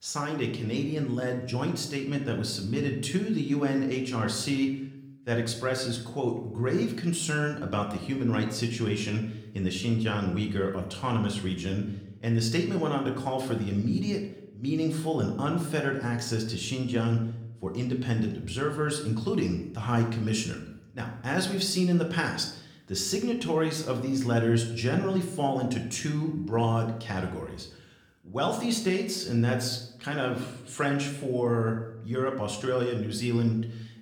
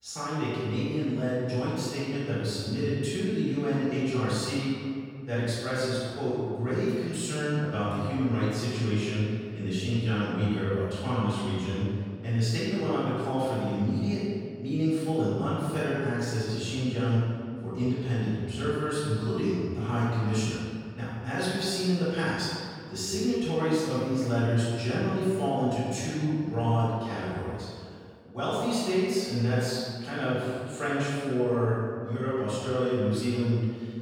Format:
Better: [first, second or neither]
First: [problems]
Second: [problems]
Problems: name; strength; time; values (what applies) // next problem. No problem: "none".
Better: first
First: room echo; slight; dies away in 0.6 s // off-mic speech; somewhat distant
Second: room echo; strong; dies away in 2 s // off-mic speech; far